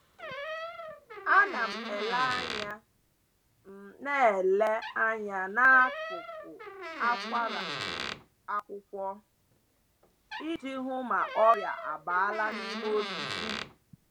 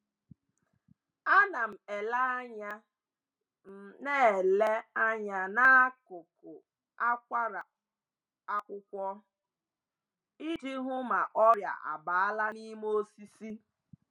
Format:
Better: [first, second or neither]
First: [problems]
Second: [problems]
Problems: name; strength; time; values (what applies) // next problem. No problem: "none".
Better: second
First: background sound (Door); 10 dB below the speech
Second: none